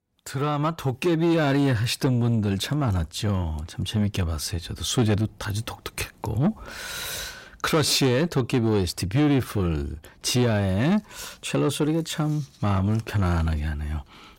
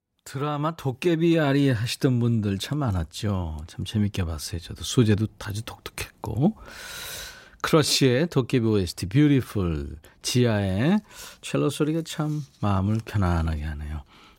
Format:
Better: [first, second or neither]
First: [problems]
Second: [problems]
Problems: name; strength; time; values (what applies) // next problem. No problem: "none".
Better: second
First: distortion; slight; 10 dB below the speech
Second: none